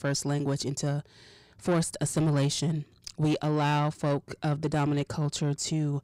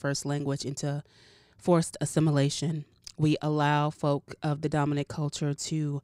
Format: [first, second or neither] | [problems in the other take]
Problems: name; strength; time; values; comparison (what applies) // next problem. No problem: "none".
second | distortion; slight; 10 dB below the speech